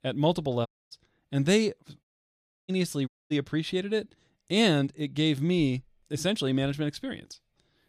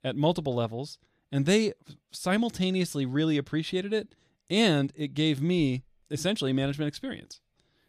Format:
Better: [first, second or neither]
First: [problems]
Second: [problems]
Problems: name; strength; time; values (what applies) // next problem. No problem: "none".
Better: second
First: audio cutting out; at 0.5 s, at 2 s for 0.5 s and at 3 s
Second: none